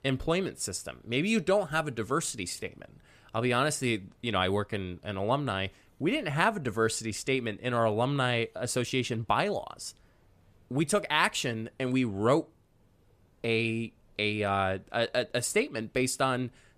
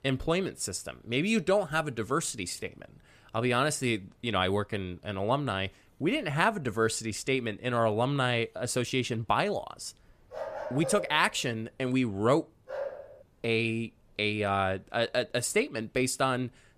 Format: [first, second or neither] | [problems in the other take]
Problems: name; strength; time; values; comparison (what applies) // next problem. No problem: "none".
first | dog barking; noticeable; from 10 to 13 s; peak 7 dB below the speech